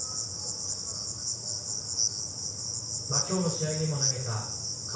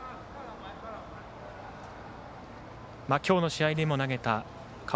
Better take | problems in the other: second | background sound (Cricket); 3 dB above the speech // room echo; dies away in 0.6 s

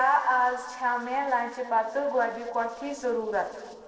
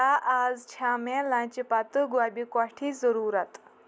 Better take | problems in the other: second | noise reduction (neural separator model SepFormer DNS4)

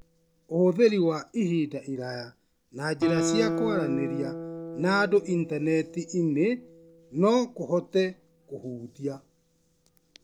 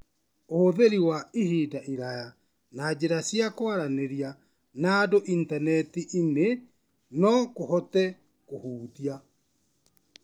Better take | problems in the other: second | background sound (Guitar); 8 dB below the speech

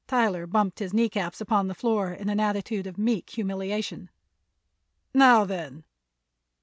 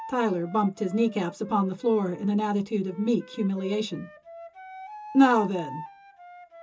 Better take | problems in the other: first | background sound (Wind instrument, woodwind instrument); 17 dB below the speech // room echo; dies away in 0.2 s

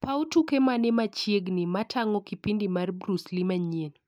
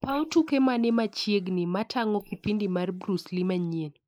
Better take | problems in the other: first | noise reduction (neural mask model Resemble Enhance denoiser)

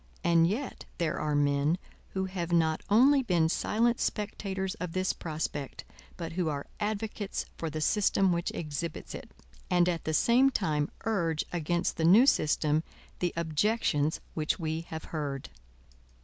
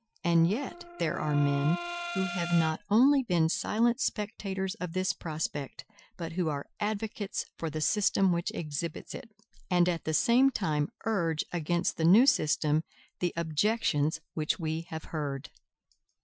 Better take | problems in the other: first | noise reduction (classical method Wiener filter)

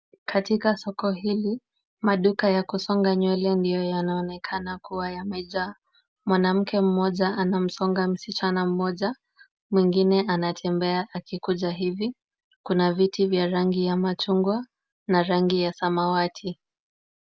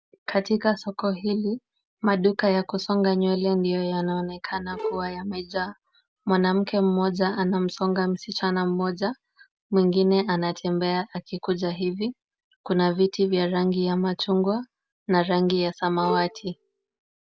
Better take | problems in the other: first | background sound (Bowed string instrument); 11 dB below the speech

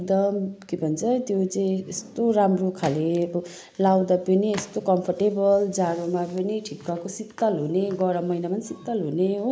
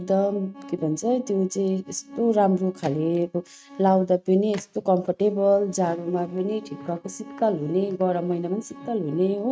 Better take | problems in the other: first | noise reduction (neural mask model RNNoise)

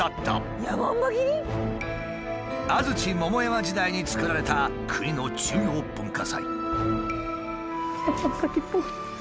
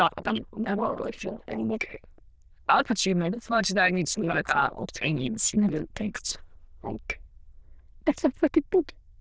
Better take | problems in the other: first | noise reduction (neural diffusion model UNIVERSE++)

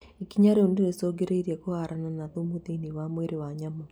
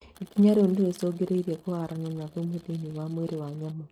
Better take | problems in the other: first | noise reduction (neural mask model RNNoise)

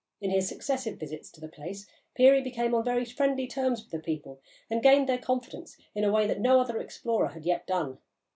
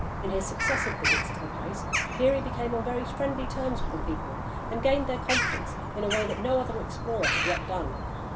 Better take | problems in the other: first | background sound (Bird vocalization, bird call, bird song); 1 dB above the speech

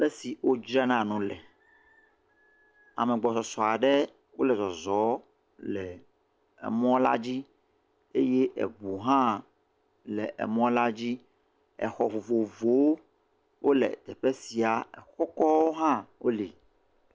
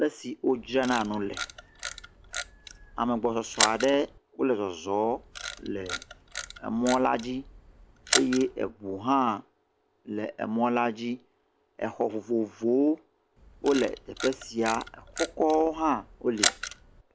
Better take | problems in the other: first | background sound (Camera); 6 dB below the speech

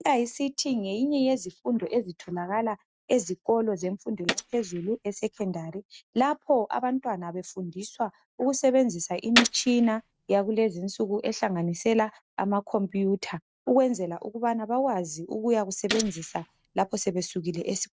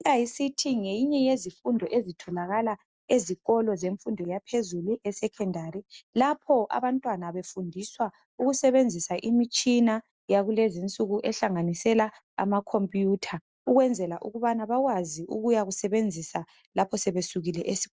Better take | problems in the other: second | noise reduction (neural mask model RNNoise)

